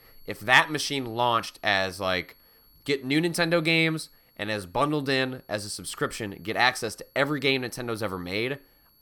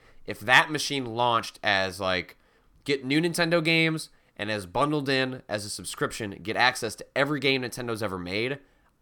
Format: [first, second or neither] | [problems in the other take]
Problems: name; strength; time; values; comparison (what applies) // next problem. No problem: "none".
second | high-pitched whine; faint; throughout; 11.5 kHz, 30 dB below the speech